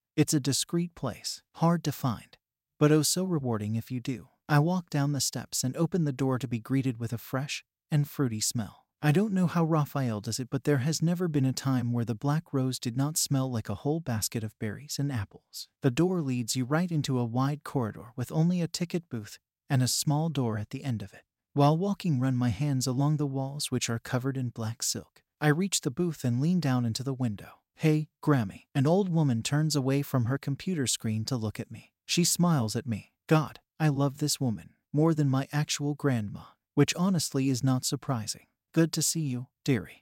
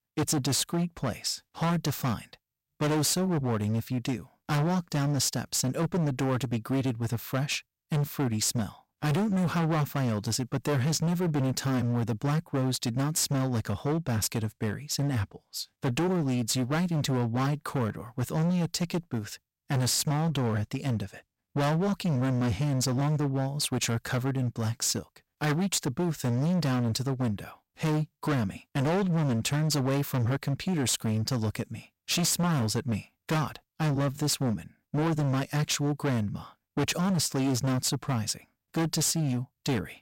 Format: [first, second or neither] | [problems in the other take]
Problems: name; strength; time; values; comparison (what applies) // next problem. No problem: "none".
first | distortion; heavy; 23% of the sound clipped